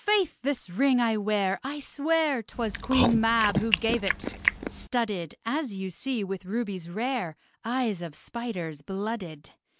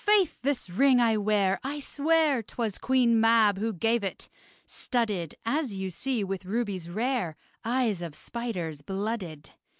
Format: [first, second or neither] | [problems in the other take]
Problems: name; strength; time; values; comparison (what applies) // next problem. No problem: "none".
second | background sound (Chewing, mastication); 1 dB below the speech